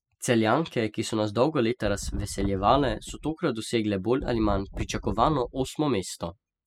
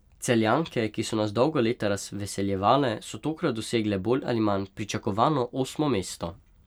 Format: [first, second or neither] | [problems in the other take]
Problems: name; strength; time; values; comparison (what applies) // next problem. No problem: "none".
second | noise reduction (classical method spectral subtraction)